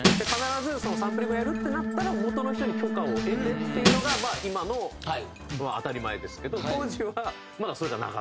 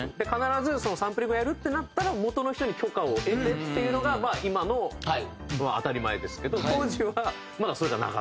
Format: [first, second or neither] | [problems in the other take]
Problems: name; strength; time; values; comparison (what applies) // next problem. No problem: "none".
second | background sound (Shatter + Organ); as loud as the speech